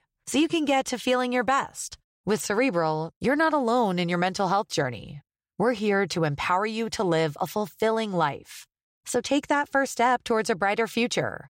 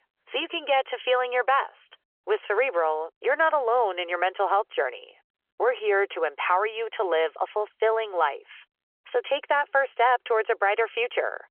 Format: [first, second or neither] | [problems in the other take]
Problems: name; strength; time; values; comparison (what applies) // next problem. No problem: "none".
first | phone-call audio; nothing above 3.5 kHz